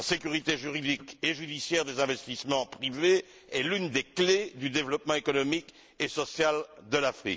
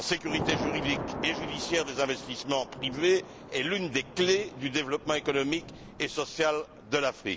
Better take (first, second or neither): first